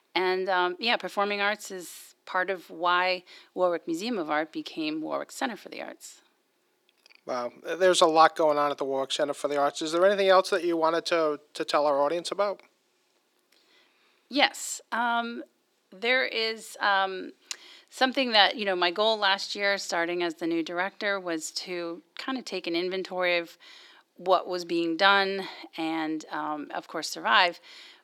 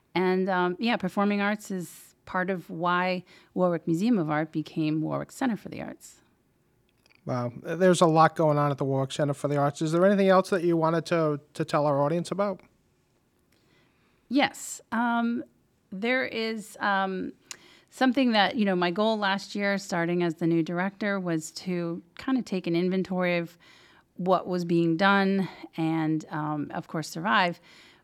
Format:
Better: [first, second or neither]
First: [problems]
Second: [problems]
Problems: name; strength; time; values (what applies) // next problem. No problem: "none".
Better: second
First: thin; somewhat; fading below 350 Hz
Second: none